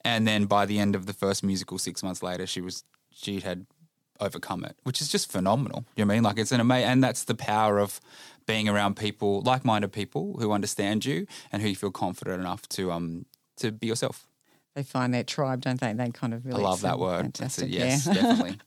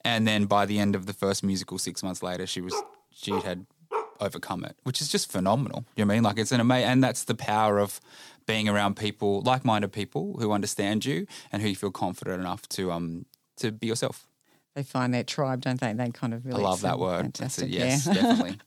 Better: first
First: none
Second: dog barking; noticeable; from 2.5 to 4 s; peak 6 dB below the speech

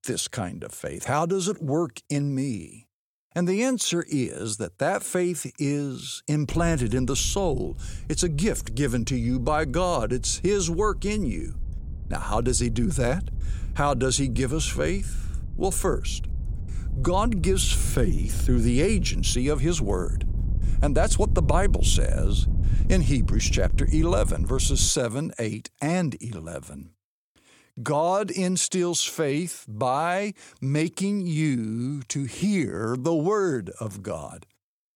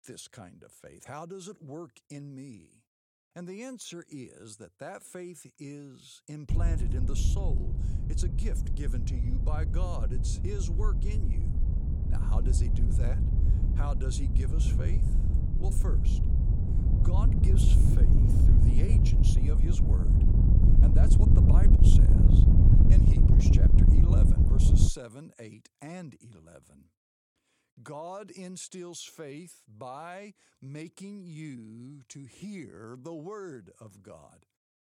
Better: first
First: wind noise on the microphone; occasional gusts; from 6.5 to 25 s; 20 dB below the speech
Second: wind noise on the microphone; heavy; from 6.5 to 25 s; 4 dB above the speech

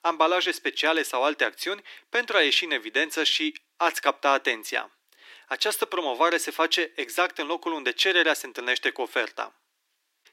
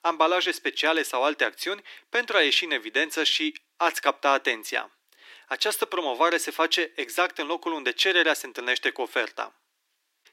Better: neither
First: thin; very; fading below 300 Hz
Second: thin; very; fading below 300 Hz

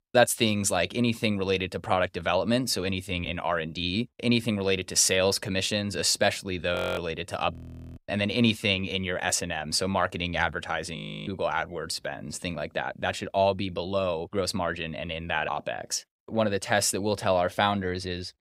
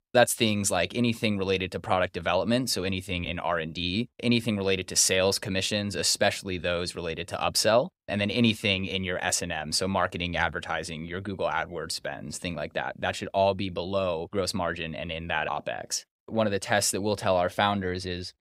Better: second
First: audio freezing; at 7 s, at 7.5 s and at 11 s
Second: none

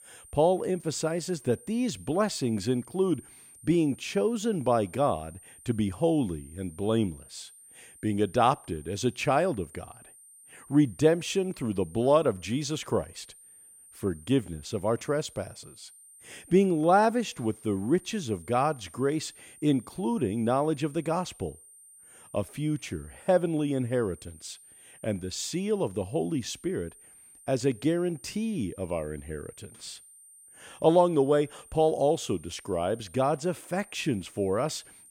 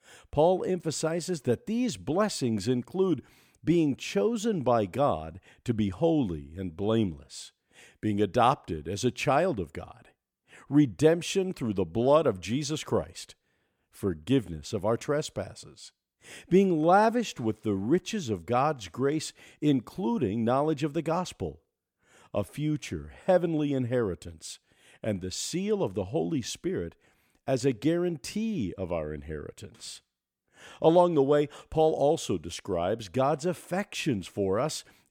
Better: second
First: high-pitched whine; faint; throughout; 9 kHz, 20 dB below the speech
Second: none

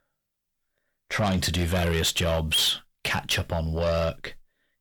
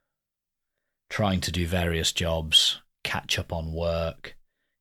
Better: second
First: distortion; heavy; 7 dB below the speech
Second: none

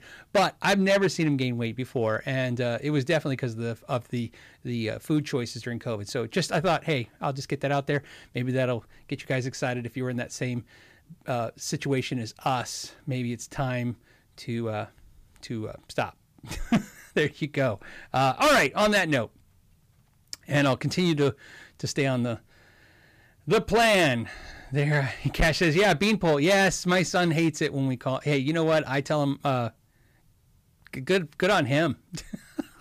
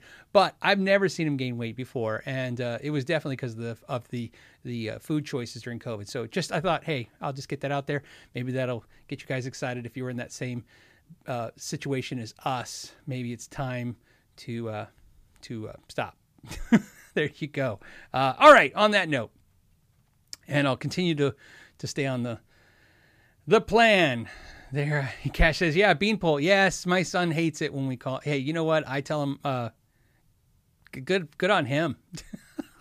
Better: second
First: distortion; heavy; 4% of the sound clipped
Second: none

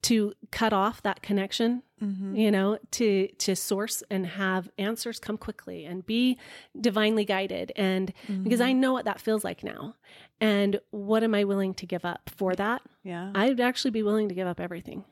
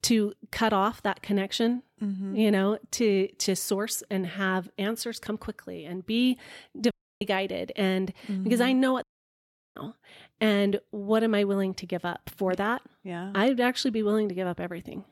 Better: first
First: none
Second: audio cutting out; at 7 s and at 9 s for 0.5 s

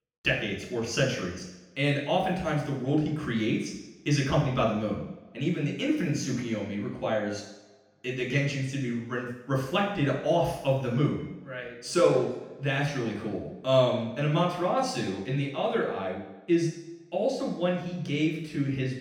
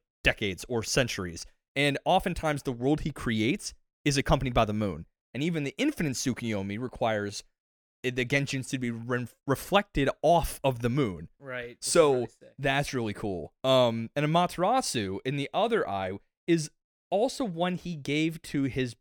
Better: second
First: room echo; noticeable; dies away in 0.9 s // off-mic speech; far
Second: none

